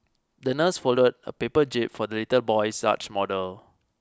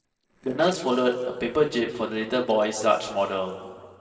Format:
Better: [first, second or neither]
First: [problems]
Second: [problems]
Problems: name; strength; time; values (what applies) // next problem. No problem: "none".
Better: first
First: none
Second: noise reduction (neural separator model SepFormer DNS4)